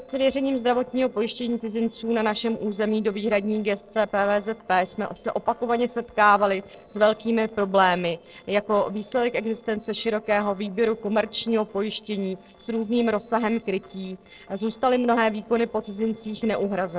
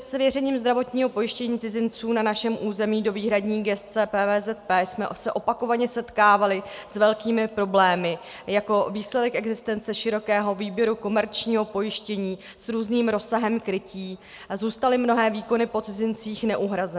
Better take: second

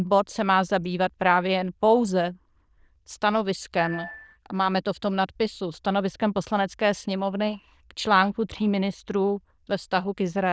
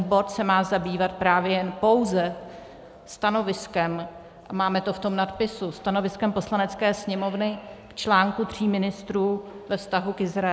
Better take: second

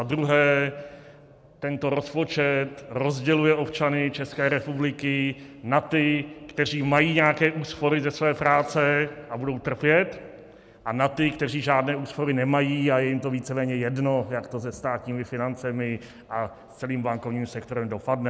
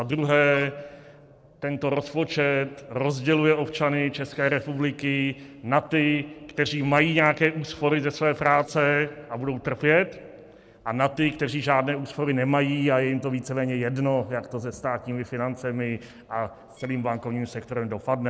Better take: first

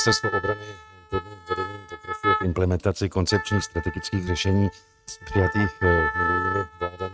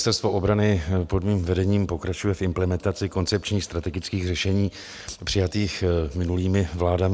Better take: second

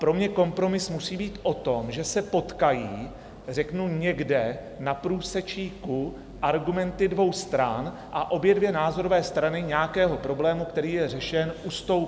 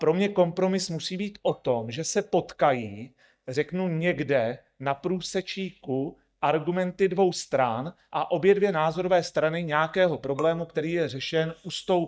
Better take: first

